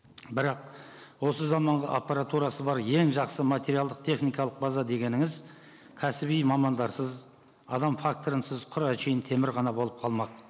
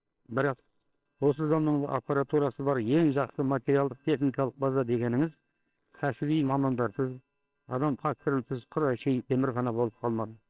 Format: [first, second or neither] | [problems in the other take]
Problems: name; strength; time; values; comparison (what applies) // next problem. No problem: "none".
first | noise reduction (neural separator model SepFormer WHAMR!)